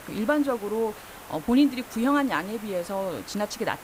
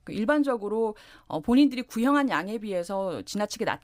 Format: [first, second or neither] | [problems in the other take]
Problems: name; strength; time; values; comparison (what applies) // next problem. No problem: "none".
second | hiss; noticeable; throughout; 15 dB below the speech